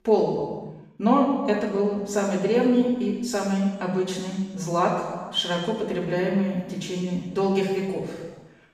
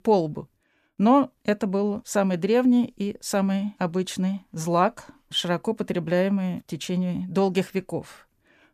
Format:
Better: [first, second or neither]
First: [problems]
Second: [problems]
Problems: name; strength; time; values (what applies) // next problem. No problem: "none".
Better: second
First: room echo; noticeable; dies away in 1.2 s // off-mic speech; far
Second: none